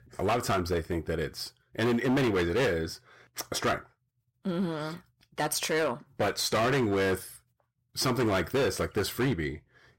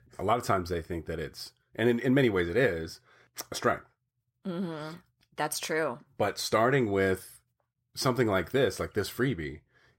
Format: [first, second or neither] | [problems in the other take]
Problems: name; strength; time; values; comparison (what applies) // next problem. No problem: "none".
second | distortion; heavy; 12% of the sound clipped